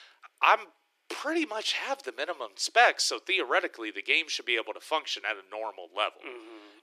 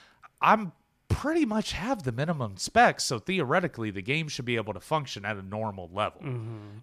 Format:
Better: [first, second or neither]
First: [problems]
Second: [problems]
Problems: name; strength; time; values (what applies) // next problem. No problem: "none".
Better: second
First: thin; very; fading below 300 Hz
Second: none